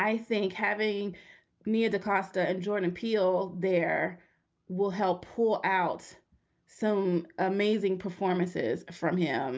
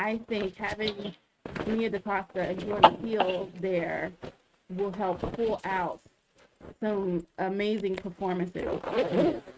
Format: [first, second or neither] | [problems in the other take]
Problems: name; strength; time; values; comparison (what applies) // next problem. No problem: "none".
first | noise reduction (neural mask model RNNoise)